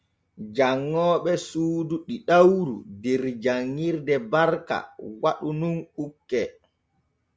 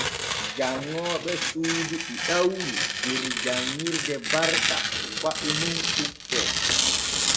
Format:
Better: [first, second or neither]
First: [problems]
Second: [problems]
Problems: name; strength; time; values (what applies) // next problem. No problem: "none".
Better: first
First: none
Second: background sound (Tearing); 3 dB above the speech // room echo; dies away in 0.9 s